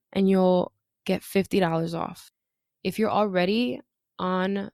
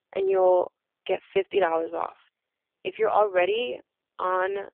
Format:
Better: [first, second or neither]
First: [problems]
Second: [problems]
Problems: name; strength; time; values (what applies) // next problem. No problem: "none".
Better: first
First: none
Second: phone-call audio; poor line; nothing above 3 kHz